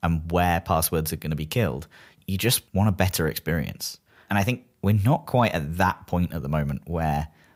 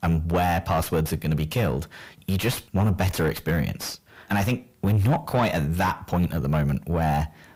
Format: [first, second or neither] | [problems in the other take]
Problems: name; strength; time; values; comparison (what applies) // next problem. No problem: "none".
first | distortion; heavy; 7 dB below the speech